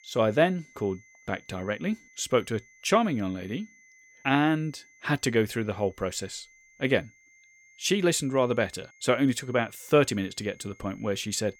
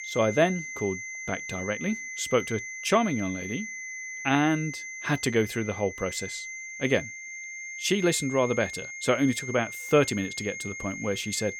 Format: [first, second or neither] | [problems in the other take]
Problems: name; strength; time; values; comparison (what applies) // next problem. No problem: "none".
first | high-pitched whine; loud; throughout; 2 kHz, 8 dB below the speech; faint in the first